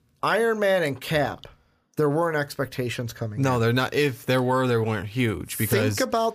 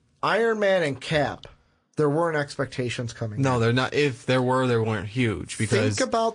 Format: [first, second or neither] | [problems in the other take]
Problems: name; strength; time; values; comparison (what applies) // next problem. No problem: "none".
first | garbled, watery; slightly; nothing above 10 kHz